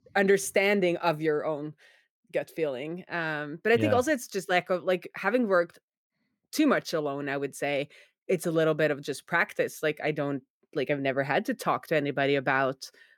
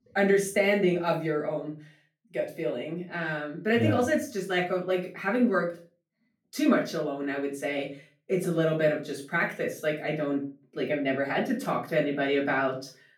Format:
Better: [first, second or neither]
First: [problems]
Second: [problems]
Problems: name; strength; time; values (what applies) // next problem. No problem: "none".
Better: first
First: none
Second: off-mic speech; far // room echo; slight; dies away in 0.3 s